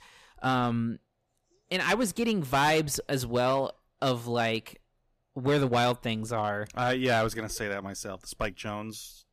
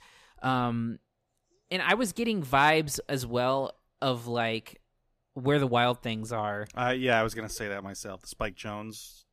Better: second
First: distortion; slight; 4% of the sound clipped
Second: none

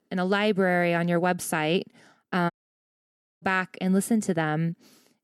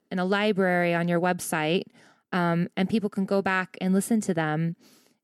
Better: second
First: audio cutting out; at 2.5 s for 1 s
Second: none

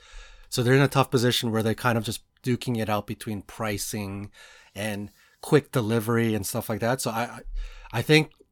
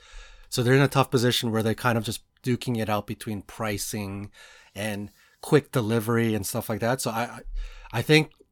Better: neither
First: none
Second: none

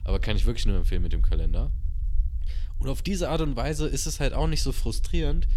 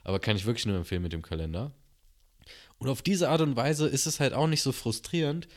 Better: second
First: low rumble; faint; throughout; 20 dB below the speech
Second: none

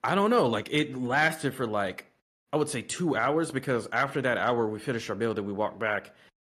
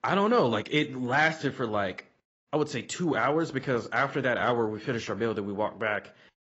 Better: first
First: garbled, watery; slightly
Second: garbled, watery; badly; nothing above 8 kHz

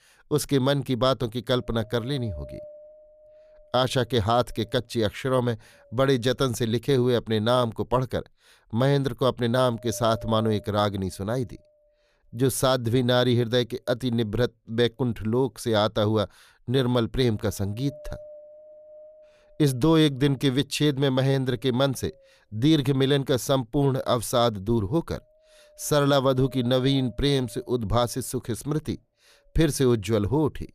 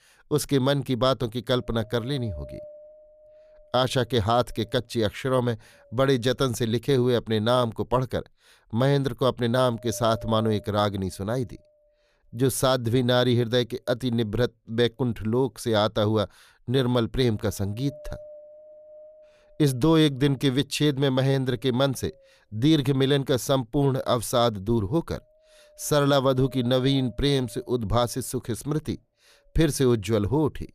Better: neither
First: wind noise on the microphone; occasional gusts; 20 dB below the speech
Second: wind noise on the microphone; occasional gusts; 20 dB below the speech

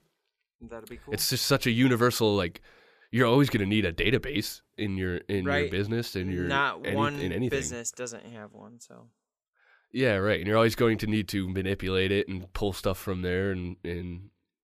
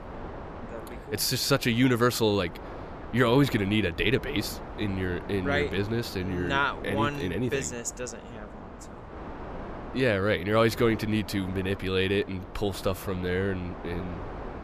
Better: first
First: none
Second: wind noise on the microphone; occasional gusts; 15 dB below the speech

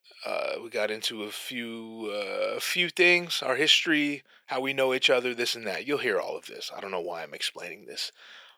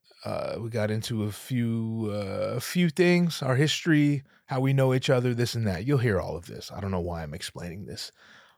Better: second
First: thin; somewhat; fading below 350 Hz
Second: none

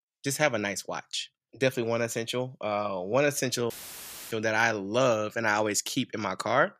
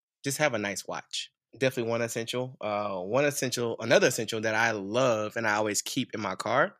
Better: second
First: audio cutting out; filled with static; at 3.5 s for 0.5 s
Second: none

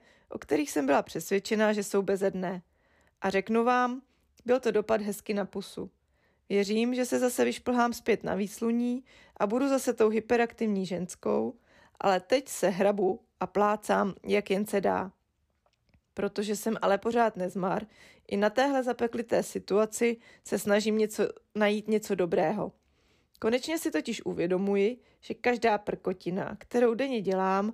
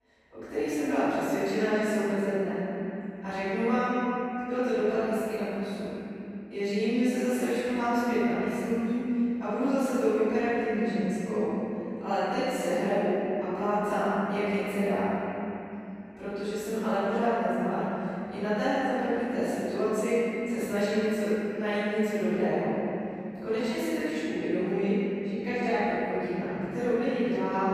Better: first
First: none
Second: off-mic speech; far // room echo; strong; dies away in 3 s

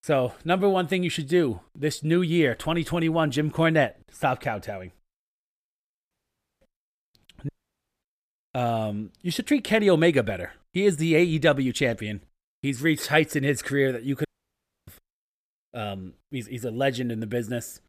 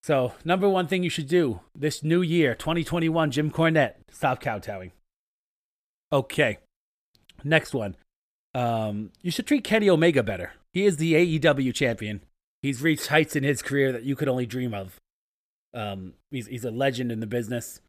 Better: second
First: audio cutting out; at 6 s for 0.5 s, at 7.5 s for 0.5 s and at 14 s for 0.5 s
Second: none

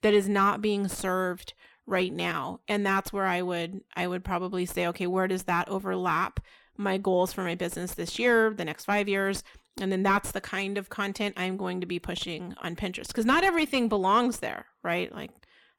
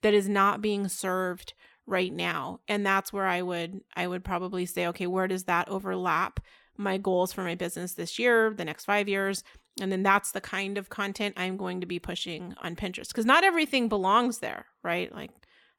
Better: second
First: distortion; slight; 10 dB below the speech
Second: none

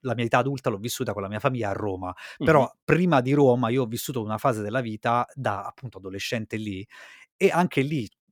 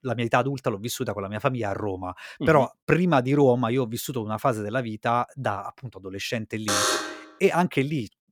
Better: first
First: none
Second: alarm; loud; at 6.5 s; peak 3 dB above the speech

